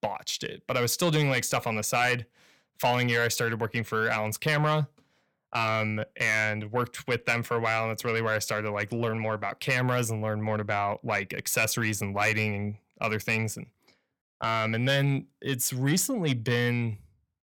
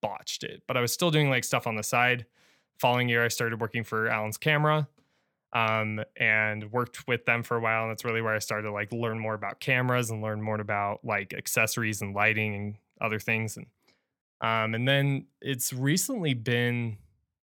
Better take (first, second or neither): second